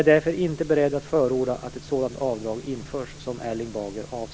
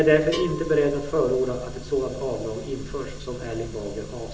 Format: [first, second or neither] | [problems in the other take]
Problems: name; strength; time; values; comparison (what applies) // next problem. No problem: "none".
first | background sound (Bell); 19 dB below the speech // room echo; dies away in 0.6 s